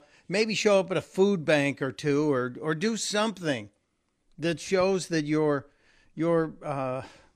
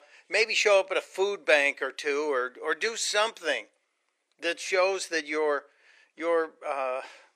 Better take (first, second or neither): first